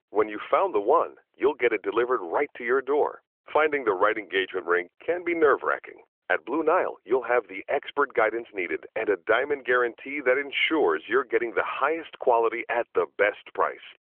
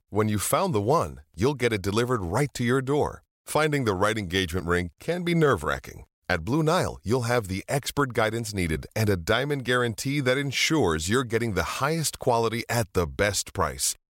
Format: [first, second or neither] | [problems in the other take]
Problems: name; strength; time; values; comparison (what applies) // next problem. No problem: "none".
second | phone-call audio; nothing above 3.5 kHz